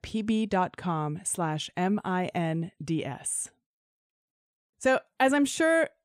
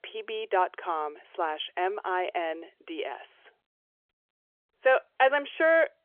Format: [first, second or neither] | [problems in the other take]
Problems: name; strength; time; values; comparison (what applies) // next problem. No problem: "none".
first | phone-call audio; nothing above 3.5 kHz